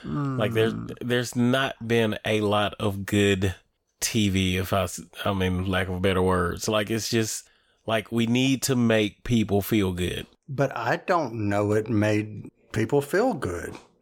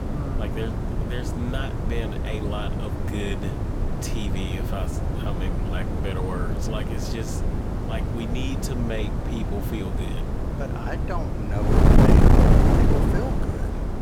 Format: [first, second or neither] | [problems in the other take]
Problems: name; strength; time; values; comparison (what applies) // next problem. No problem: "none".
first | wind noise on the microphone; heavy; 4 dB above the speech